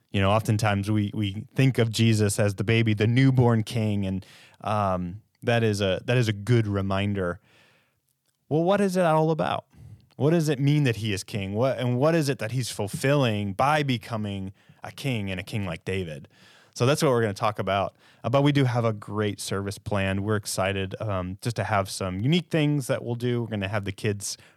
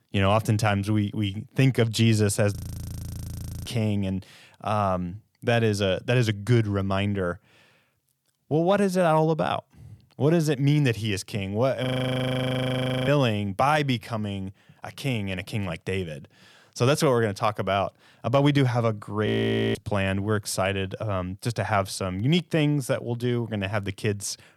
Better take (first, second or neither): first